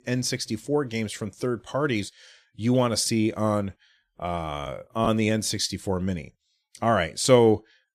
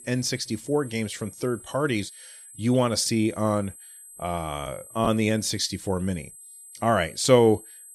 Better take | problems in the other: first | high-pitched whine; noticeable; throughout; 8 kHz, 20 dB below the speech

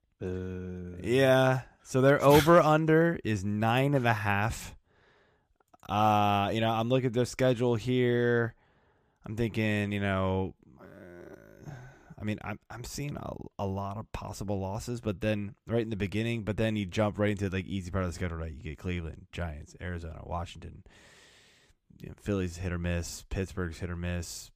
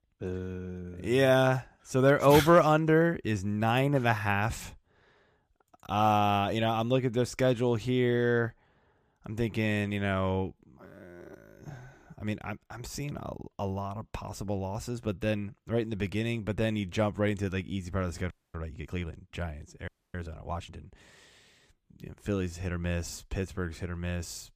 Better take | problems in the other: first | audio freezing; at 18 s and at 20 s

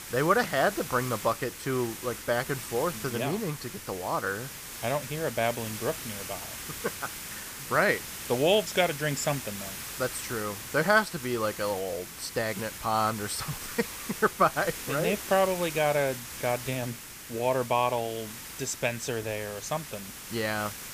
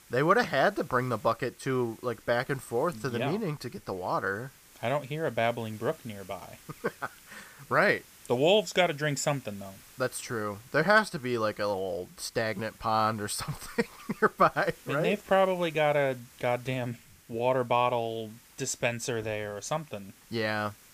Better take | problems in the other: second | hiss; loud; throughout; 9 dB below the speech; faint in the second

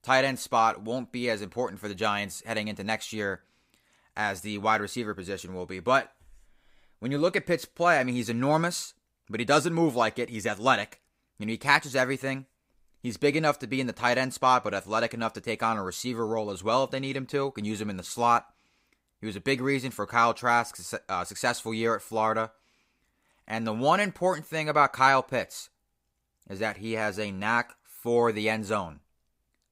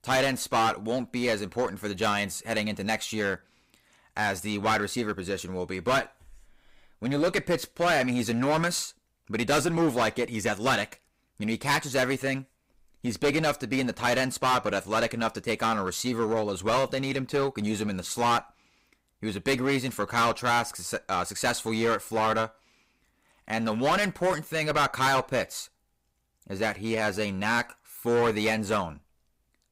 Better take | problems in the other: first | distortion; heavy; 10% of the sound clipped

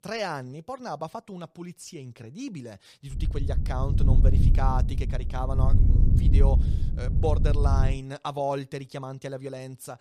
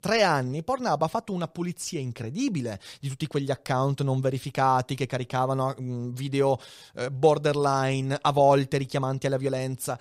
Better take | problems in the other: second | wind noise on the microphone; heavy; from 3 to 8 s; 6 dB below the speech

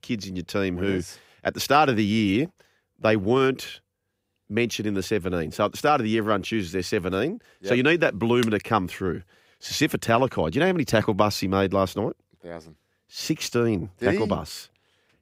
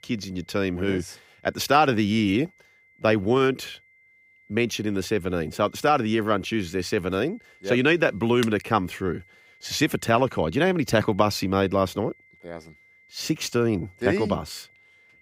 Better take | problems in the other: first | high-pitched whine; faint; throughout; 2 kHz, 30 dB below the speech

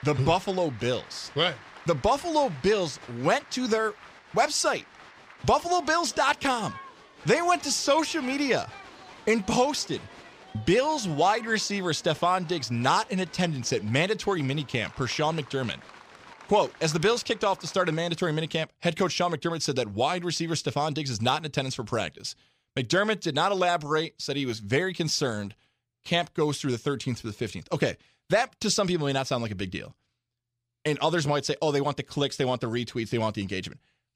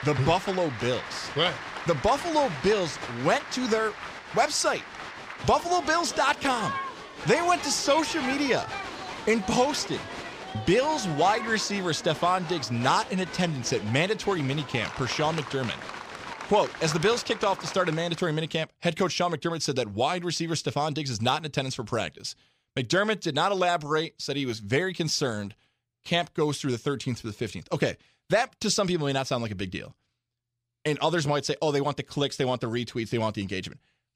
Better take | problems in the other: first | crowd noise; loud; until 18 s; 10 dB below the speech; faint in the first

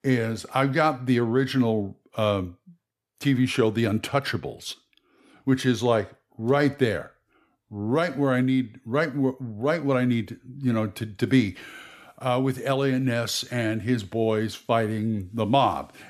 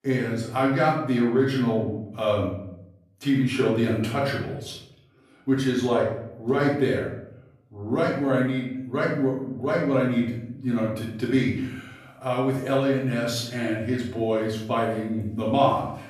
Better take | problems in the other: first | off-mic speech; far // room echo; noticeable; dies away in 0.6 s

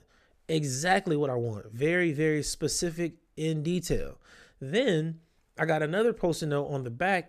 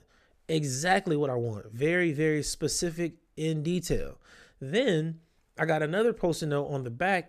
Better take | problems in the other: neither | none

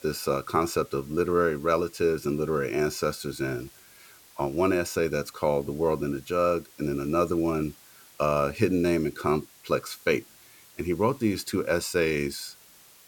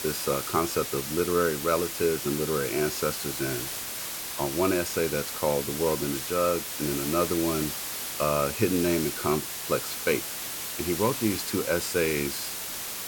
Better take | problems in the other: first | hiss; loud; throughout; 4 dB below the speech; faint in the first

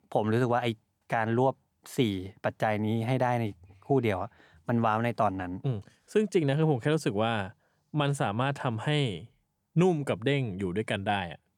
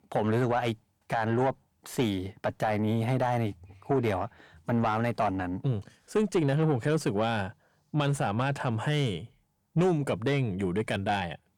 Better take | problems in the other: first | distortion; slight; 10 dB below the speech

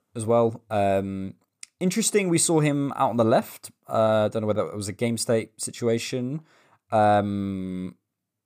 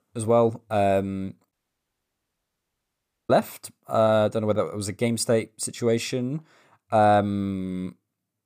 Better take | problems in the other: first | audio cutting out; at 1.5 s for 2 s

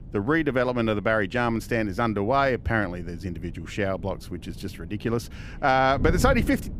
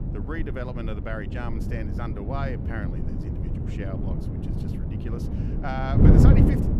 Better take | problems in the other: first | wind noise on the microphone; heavy; 1 dB above the speech; occasional gusts in the first

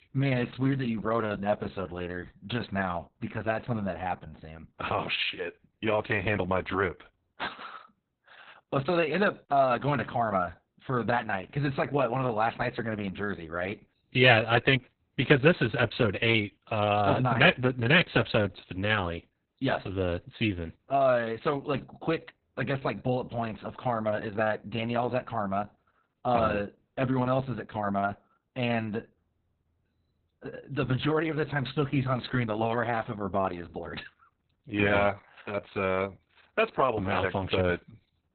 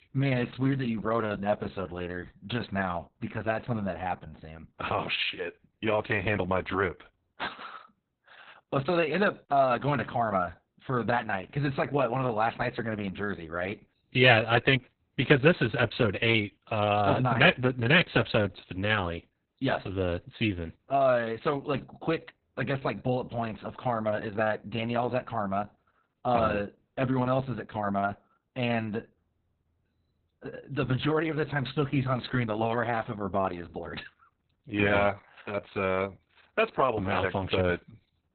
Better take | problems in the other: neither | garbled, watery; badly; nothing above 4 kHz; the same in both

